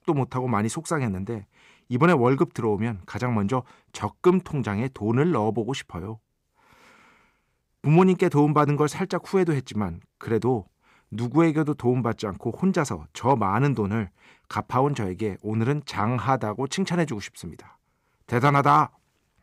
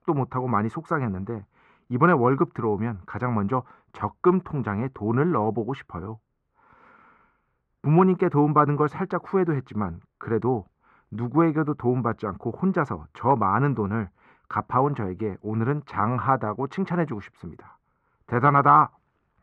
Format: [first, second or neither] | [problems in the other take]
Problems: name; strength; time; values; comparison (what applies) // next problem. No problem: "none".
first | muffled; very; fading above 3.5 kHz